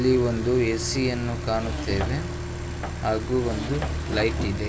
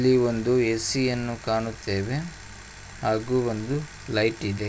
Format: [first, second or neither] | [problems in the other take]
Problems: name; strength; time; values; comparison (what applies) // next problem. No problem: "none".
second | background sound (Accelerating, revving, vroom); 4 dB below the speech